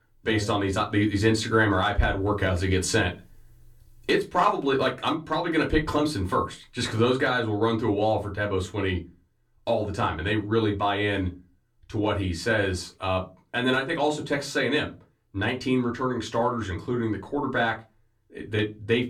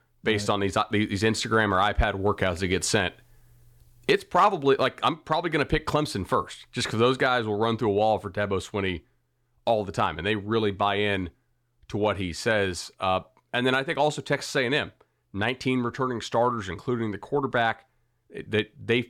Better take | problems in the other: second | off-mic speech; far // room echo; very slight; dies away in 0.2 s

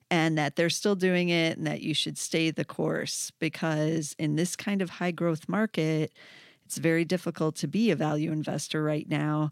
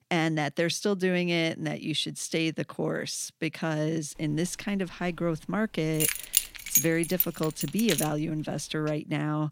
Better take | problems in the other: first | jangling keys; loud; from 6 to 8 s; peak 5 dB above the speech

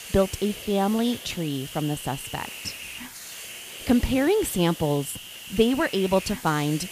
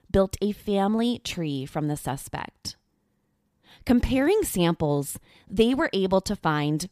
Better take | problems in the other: second | hiss; noticeable; throughout; 10 dB below the speech

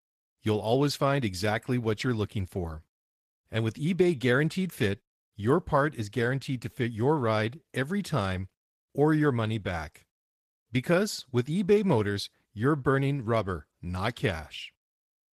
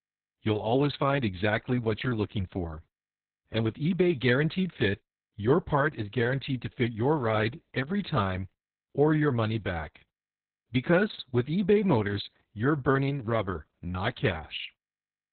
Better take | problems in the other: first | garbled, watery; badly; nothing above 4 kHz; slightly in the first

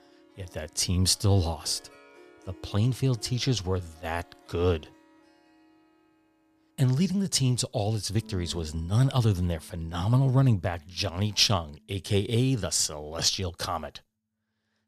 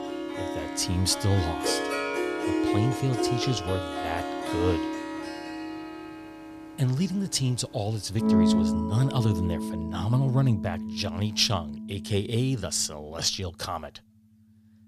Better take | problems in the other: first | background music; loud; throughout; 2 dB below the speech; faint in the first

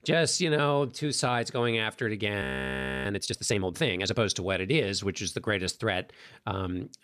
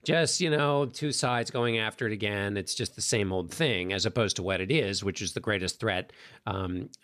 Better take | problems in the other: second | audio freezing; at 2.5 s for 0.5 s

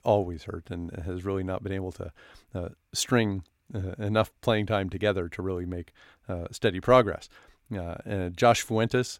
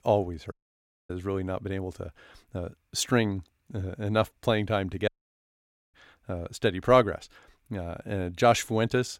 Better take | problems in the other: first | audio cutting out; at 0.5 s for 0.5 s and at 5 s for 1 s

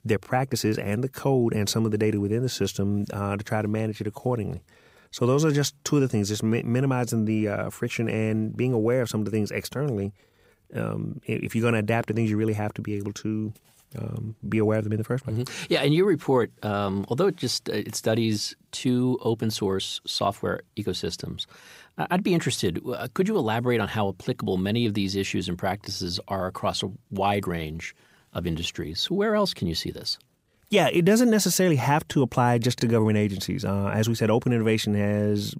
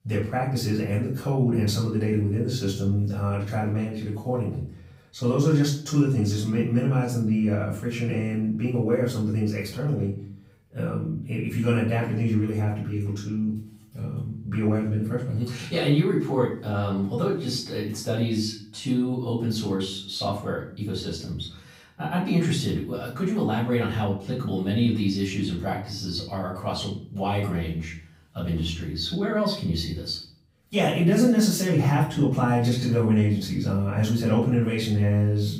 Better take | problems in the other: first | off-mic speech; far // room echo; noticeable; dies away in 0.5 s

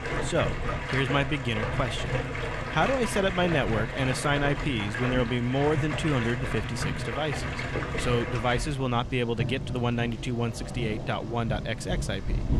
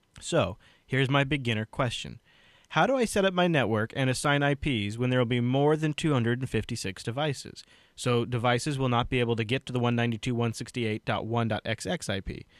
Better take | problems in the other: second | rain or running water; loud; throughout; 4 dB below the speech

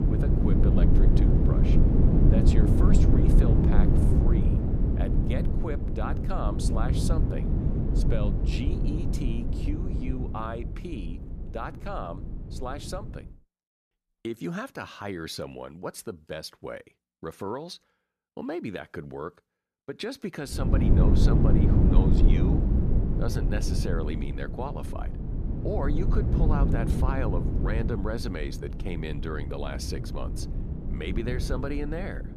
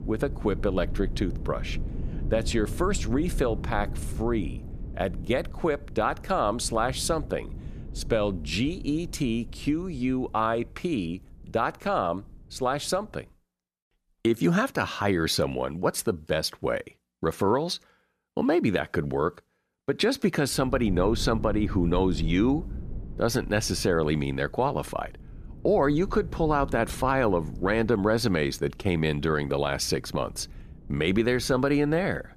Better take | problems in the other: second | wind noise on the microphone; heavy; until 13 s and from 21 s on; 1 dB above the speech; occasional gusts in the second

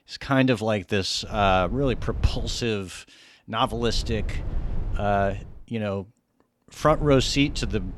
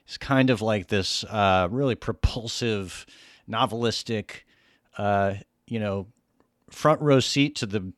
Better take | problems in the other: second | low rumble; faint; from 1.5 to 2.5 s, from 3.5 to 5.5 s and from 7 s on; 25 dB below the speech

